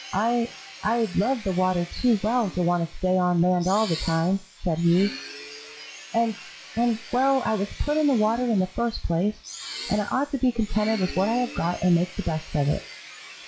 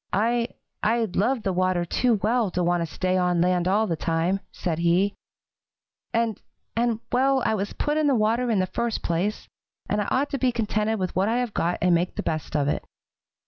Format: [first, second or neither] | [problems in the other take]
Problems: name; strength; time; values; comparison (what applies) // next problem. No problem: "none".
second | noise reduction (classical method log-MMSE)